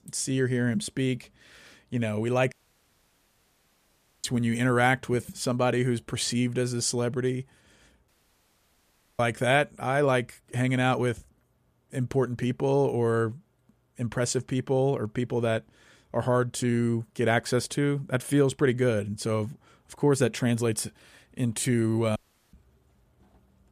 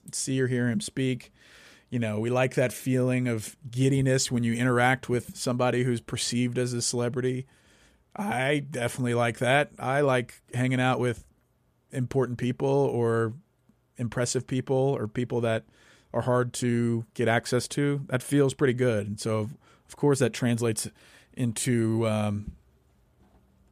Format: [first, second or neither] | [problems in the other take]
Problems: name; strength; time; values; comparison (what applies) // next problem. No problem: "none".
second | audio cutting out; at 2.5 s for 1.5 s, at 8 s for 1 s and at 22 s